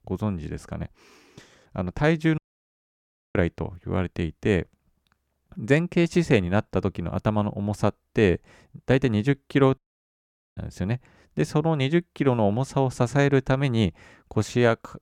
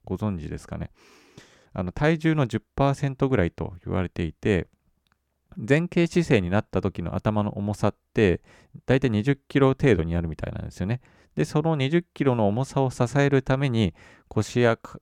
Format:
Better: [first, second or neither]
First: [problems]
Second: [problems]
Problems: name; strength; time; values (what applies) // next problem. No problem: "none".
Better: second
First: audio cutting out; at 2.5 s for 1 s and at 10 s for 1 s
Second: none